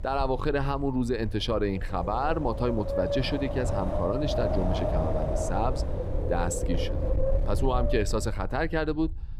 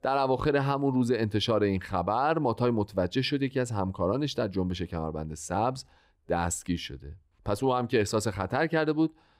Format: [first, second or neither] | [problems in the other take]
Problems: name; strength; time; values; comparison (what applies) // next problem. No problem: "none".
second | wind noise on the microphone; heavy; 2 dB below the speech